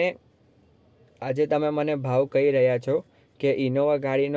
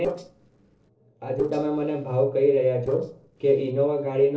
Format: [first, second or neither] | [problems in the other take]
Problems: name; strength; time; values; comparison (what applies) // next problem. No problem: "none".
first | noise reduction (neural separator model SepFormer DNS4)